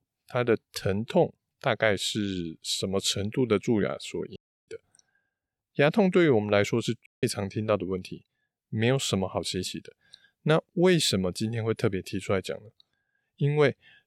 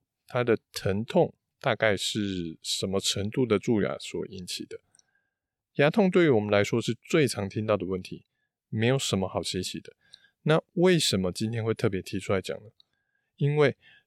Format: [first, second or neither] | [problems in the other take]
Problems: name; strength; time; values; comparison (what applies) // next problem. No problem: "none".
second | audio cutting out; at 4.5 s and at 7 s